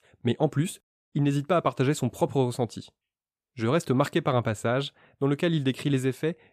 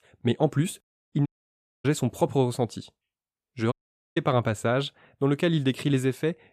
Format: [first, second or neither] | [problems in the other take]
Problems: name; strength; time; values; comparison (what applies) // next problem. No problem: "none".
first | audio cutting out; at 1.5 s for 0.5 s and at 3.5 s